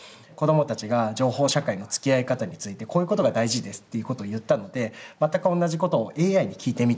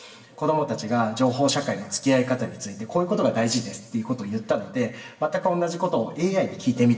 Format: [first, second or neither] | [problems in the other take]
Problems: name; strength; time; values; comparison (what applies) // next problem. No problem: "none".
first | room echo; dies away in 0.9 s